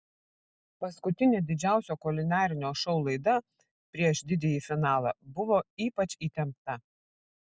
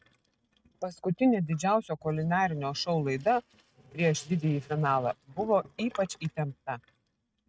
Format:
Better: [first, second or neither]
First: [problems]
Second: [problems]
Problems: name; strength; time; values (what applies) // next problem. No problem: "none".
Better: first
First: none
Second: noise reduction (neural mask model RNNoise)